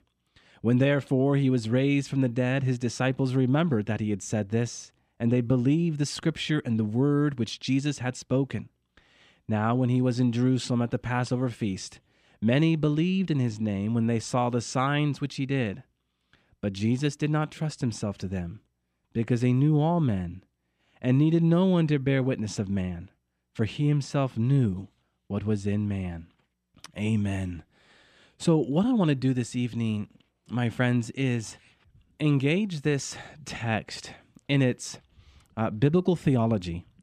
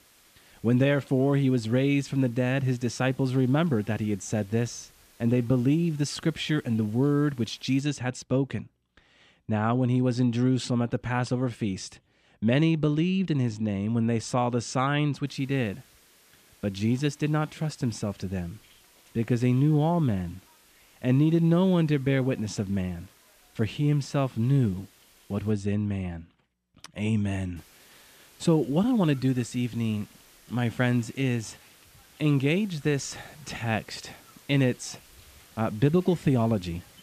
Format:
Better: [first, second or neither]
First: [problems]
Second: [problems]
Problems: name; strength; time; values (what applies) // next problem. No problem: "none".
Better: first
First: none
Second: hiss; faint; until 8 s, from 15 to 26 s and from 28 s on; 30 dB below the speech